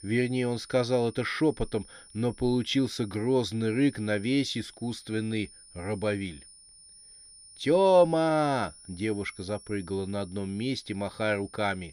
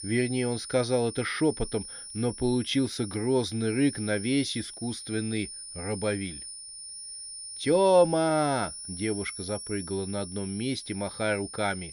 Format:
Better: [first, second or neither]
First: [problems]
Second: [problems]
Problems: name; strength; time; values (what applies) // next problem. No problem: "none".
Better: first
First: high-pitched whine; faint; throughout; 9.5 kHz, 20 dB below the speech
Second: high-pitched whine; loud; throughout; 9.5 kHz, 10 dB below the speech